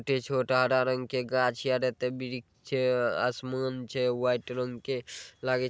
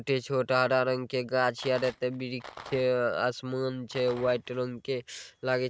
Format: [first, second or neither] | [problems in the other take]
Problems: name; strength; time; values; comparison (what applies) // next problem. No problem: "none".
first | noise reduction (neural mask model RNNoise)